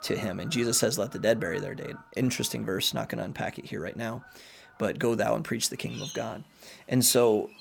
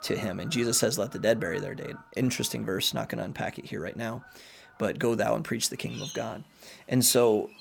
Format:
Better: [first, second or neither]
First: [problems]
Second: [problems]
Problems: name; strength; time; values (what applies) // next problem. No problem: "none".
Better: neither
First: animal sounds; noticeable; throughout; 20 dB below the speech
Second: animal sounds; noticeable; throughout; 20 dB below the speech